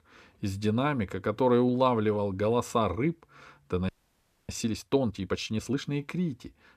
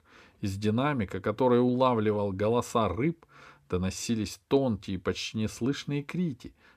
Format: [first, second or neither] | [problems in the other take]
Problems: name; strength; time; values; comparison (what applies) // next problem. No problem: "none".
second | audio freezing; at 4 s for 0.5 s